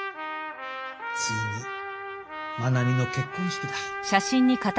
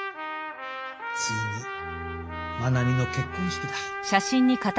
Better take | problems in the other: first | background sound (Bowed string instrument); 13 dB below the speech

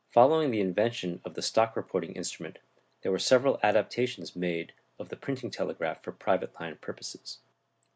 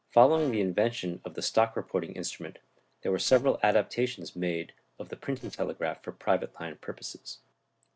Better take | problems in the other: first | noise reduction (neural separator model SepFormer DNS4)

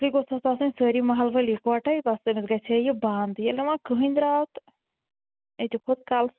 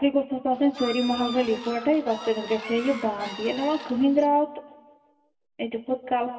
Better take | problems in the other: first | background sound (Bird / Fowl); 13 dB below the speech // room echo; dies away in 1.3 s

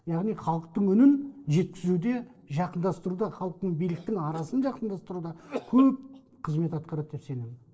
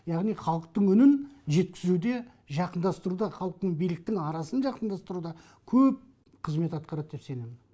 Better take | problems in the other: second | noise reduction (neural separator model SepFormer DNS4)

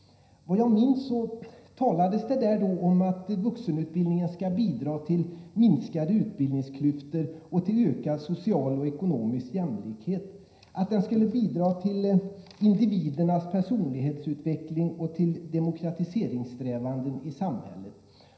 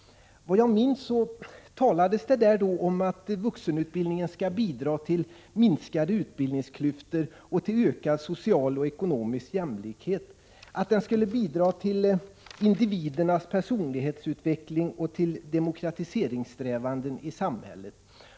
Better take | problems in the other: second | room echo; dies away in 0.9 s

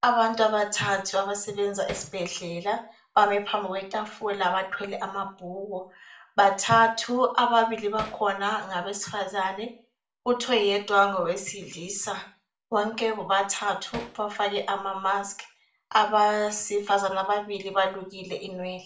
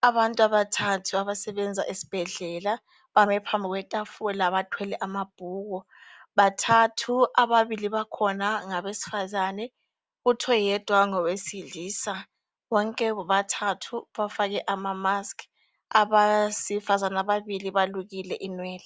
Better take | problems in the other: second | background sound (Hammer); 15 dB below the speech // room echo; dies away in 0.4 s

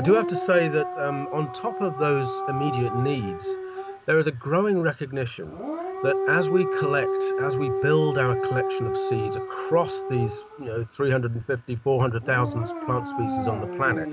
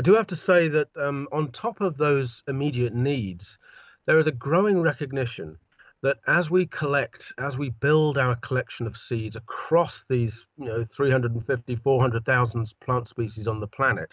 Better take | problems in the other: second | background sound (Siren / Dog); 4 dB below the speech

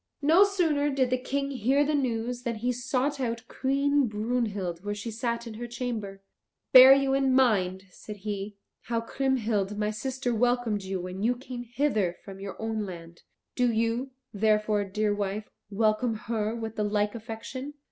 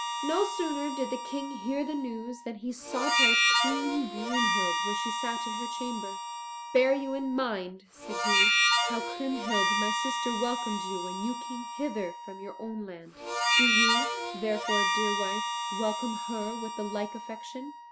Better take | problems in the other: first | background sound (Harmonica); 3 dB above the speech

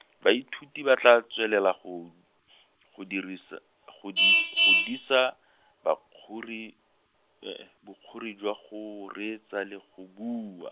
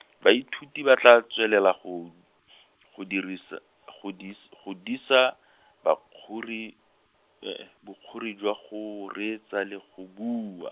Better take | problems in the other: second | background sound (Vehicle horn, car horn, honking); 3 dB below the speech

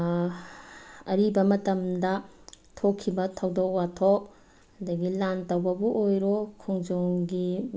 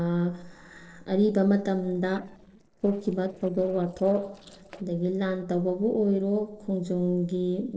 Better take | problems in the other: first | noise reduction (neural separator model SepFormer DNS4)

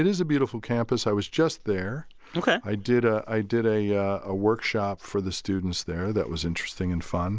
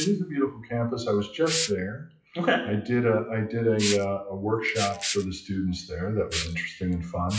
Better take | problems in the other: first | noise reduction (classical method WPE with log-MMSE)

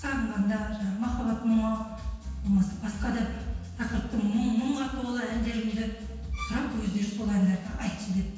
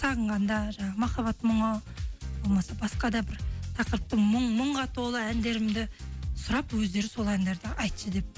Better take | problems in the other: second | background sound (Bowed string instrument); 15 dB below the speech // room echo; dies away in 1.2 s

